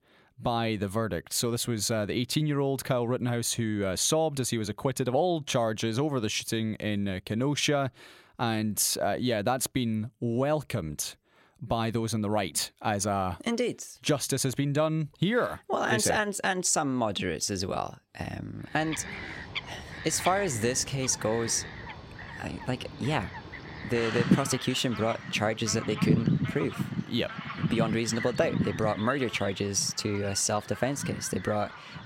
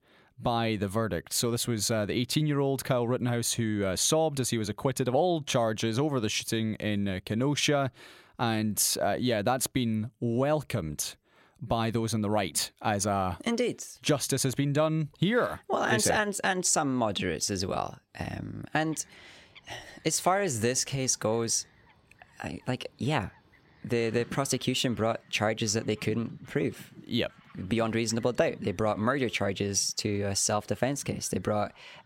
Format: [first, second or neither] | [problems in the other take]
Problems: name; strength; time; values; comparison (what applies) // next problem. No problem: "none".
second | animal sounds; loud; from 19 s on; 6 dB below the speech; faint in the second